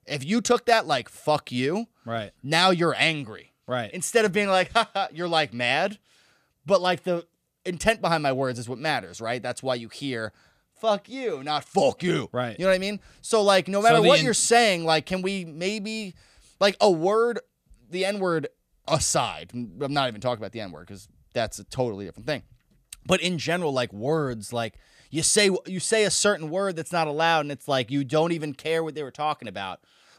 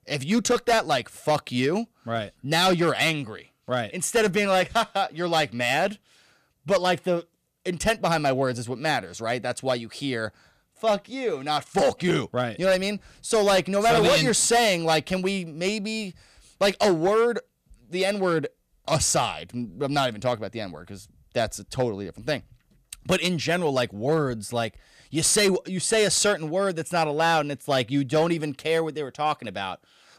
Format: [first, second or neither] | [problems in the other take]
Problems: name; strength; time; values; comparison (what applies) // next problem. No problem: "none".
first | distortion; slight; 5% of the sound clipped